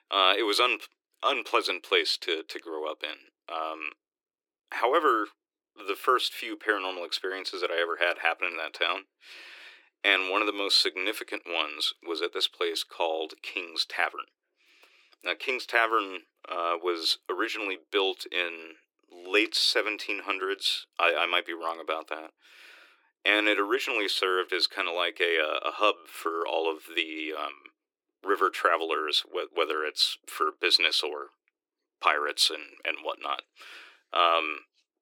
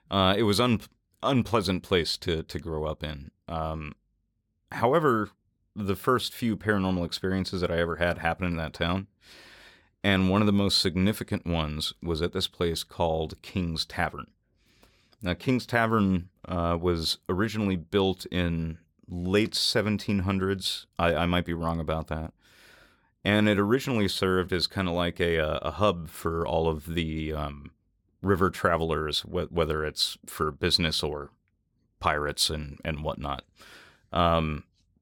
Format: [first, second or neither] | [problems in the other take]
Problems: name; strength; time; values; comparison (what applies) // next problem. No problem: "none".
second | thin; very; fading below 300 Hz